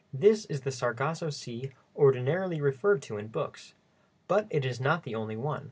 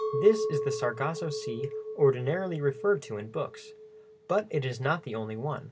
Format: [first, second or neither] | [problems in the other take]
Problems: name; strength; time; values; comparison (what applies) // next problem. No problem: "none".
first | background sound (Chink, clink); 7 dB below the speech